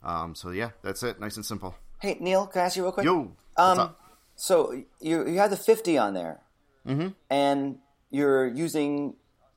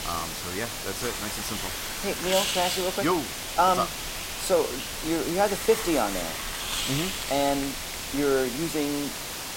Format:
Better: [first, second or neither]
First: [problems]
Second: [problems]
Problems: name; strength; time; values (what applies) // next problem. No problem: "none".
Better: first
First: none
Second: hiss; loud; throughout; 3 dB below the speech